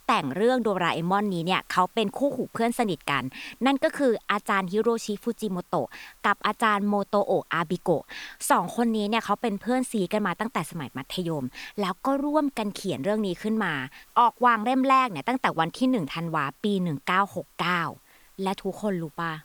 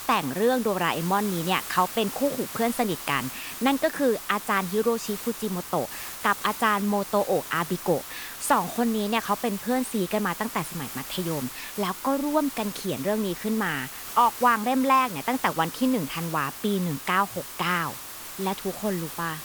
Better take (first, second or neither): first